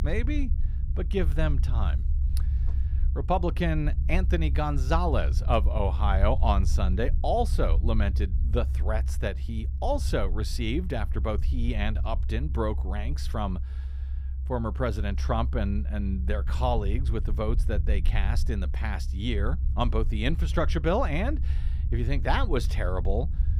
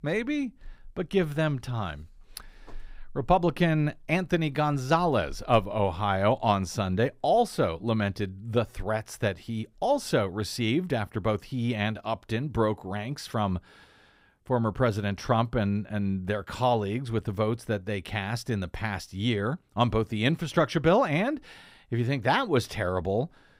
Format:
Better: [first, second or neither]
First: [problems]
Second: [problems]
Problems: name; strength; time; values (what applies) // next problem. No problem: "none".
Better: second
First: low rumble; noticeable; throughout; 15 dB below the speech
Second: none